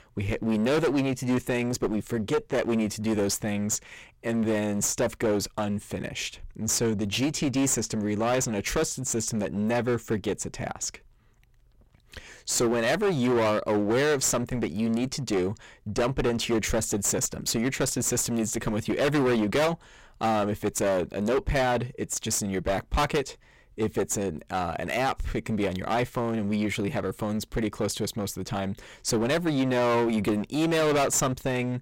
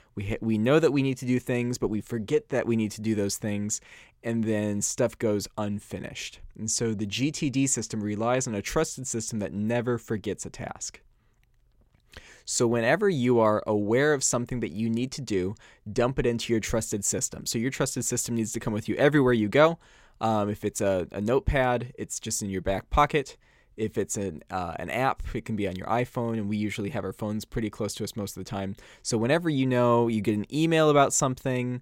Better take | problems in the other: second | distortion; heavy; 16% of the sound clipped

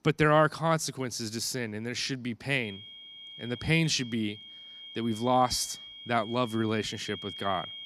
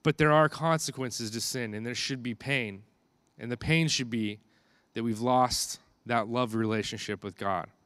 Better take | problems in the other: second | high-pitched whine; noticeable; from 2.5 s on; 3 kHz, 15 dB below the speech

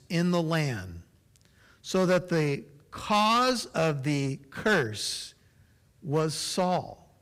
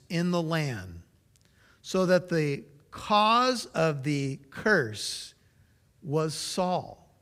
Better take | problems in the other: second | distortion; slight; 6% of the sound clipped

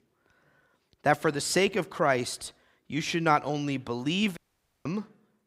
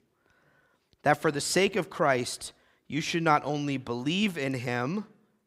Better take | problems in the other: second | audio cutting out; at 4.5 s

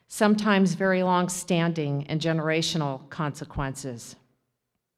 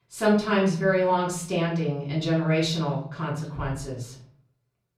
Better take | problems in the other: first | off-mic speech; far // room echo; slight; dies away in 0.5 s

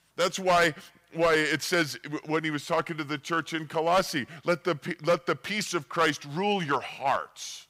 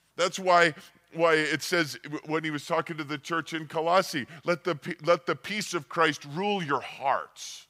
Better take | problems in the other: second | distortion; slight; 3% of the sound clipped

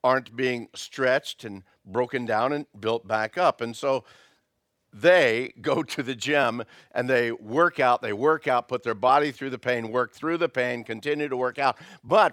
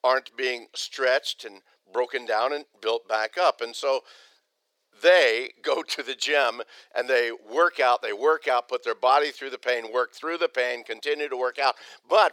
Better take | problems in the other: first | thin; very; fading below 400 Hz

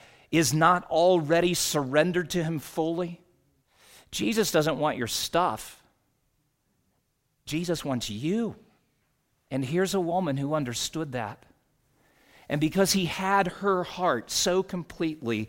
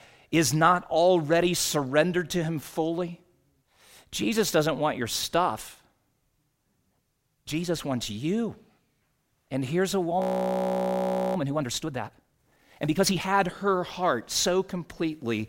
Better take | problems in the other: first | audio freezing; at 10 s for 1 s

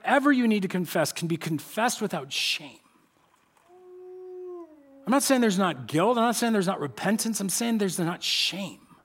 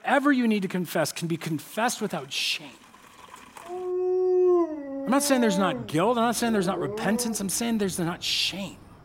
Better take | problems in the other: first | animal sounds; loud; throughout; 3 dB below the speech; faint in the first

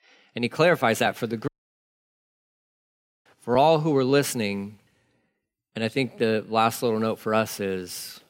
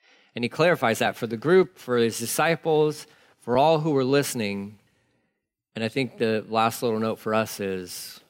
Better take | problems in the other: second | audio cutting out; at 1.5 s for 2 s

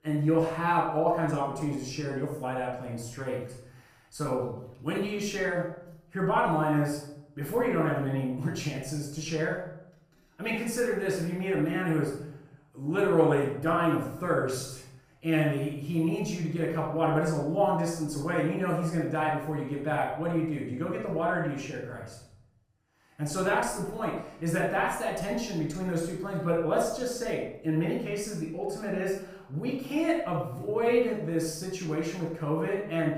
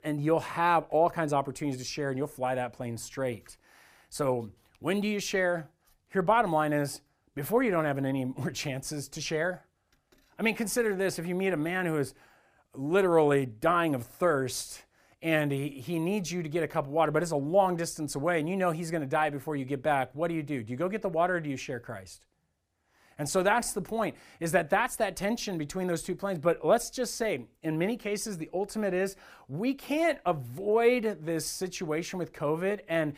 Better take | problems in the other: second | off-mic speech; far // room echo; noticeable; dies away in 0.7 s

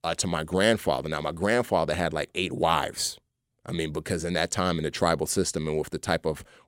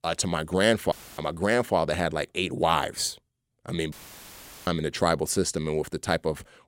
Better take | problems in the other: first | audio cutting out; filled with static; at 1 s and at 4 s for 1 s

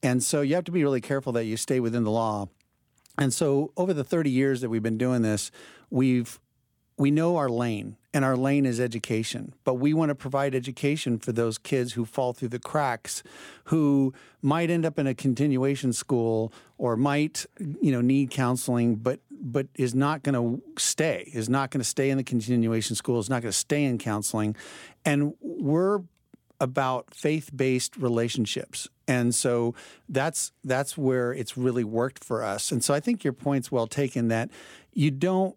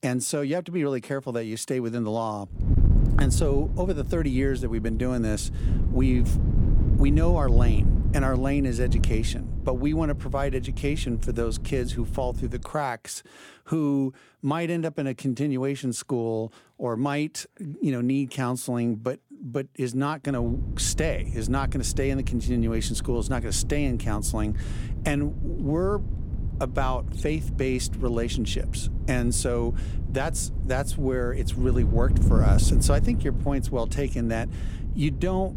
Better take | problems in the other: first | wind noise on the microphone; occasional gusts; from 2.5 to 13 s and from 20 s on; 10 dB below the speech

